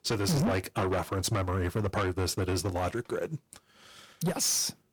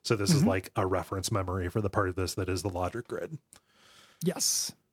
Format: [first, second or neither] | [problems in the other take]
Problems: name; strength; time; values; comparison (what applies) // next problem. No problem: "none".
second | distortion; heavy; 7 dB below the speech